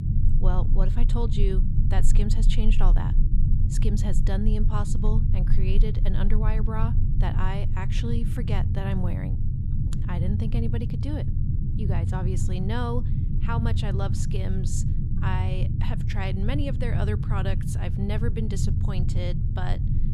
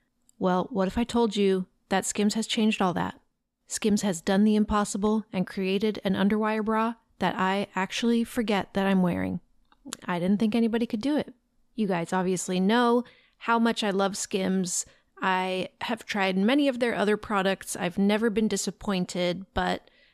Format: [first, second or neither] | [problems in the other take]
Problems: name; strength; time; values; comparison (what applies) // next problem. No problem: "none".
second | low rumble; loud; throughout; 4 dB below the speech